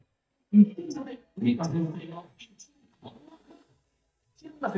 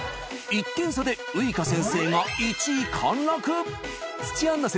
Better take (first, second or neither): second